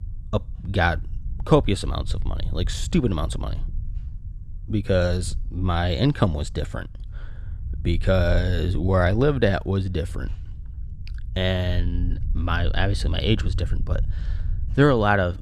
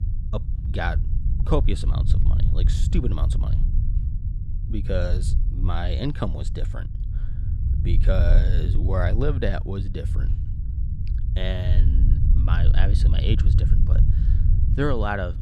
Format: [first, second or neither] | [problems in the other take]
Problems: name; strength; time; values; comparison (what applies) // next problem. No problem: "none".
first | low rumble; loud; throughout; 9 dB below the speech; faint in the first